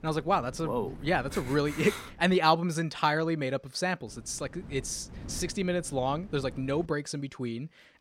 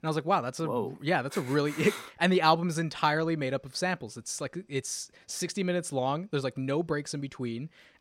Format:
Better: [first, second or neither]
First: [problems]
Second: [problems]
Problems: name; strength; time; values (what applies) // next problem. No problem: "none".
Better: second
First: wind noise on the microphone; occasional gusts; until 2.5 s and from 4 to 7 s; 25 dB below the speech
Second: none